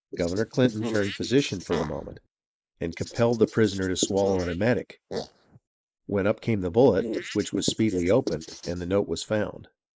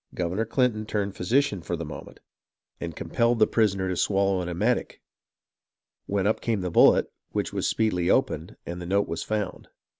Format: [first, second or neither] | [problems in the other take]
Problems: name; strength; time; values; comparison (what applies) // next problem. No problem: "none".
second | noise reduction (neural mask model Resemble Enhance denoiser)